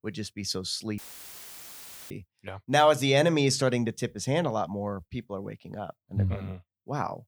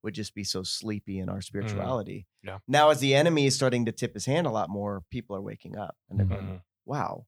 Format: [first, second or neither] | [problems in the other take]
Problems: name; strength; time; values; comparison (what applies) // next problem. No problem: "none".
second | audio cutting out; filled with static; at 1 s for 1 s